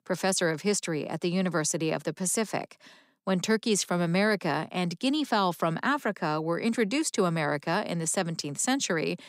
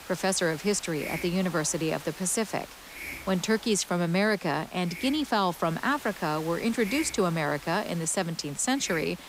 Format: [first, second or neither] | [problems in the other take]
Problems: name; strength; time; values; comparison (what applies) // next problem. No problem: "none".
first | hiss; noticeable; throughout; 15 dB below the speech